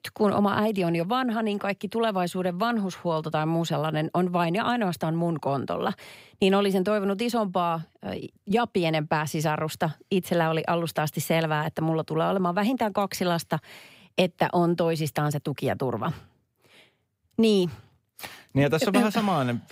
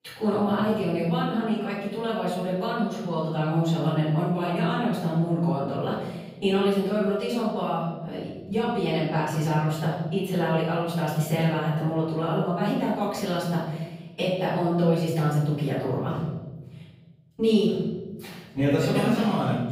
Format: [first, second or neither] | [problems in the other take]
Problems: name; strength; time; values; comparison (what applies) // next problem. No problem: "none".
first | off-mic speech; far // room echo; noticeable; dies away in 1.3 s